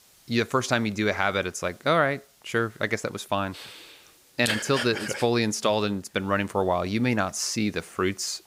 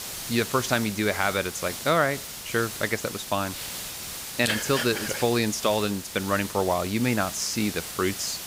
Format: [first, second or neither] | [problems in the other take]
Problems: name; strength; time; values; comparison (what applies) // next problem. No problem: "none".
first | hiss; loud; throughout; 8 dB below the speech; faint in the first